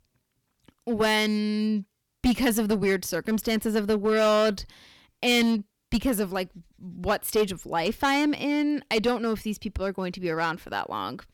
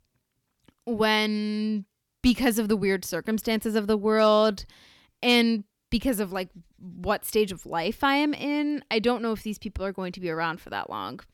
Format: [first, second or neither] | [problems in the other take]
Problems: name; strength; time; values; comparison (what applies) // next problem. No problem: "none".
second | distortion; slight; 6% of the sound clipped